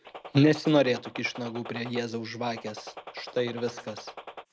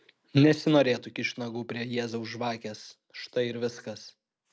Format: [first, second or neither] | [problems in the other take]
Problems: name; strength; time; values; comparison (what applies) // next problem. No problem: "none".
second | background sound (Gunshot, gunfire); 15 dB below the speech